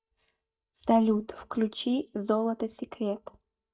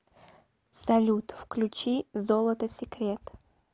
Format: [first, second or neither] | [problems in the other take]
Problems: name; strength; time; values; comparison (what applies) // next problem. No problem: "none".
second | noise reduction (neural mask model DeepFilterNet 3)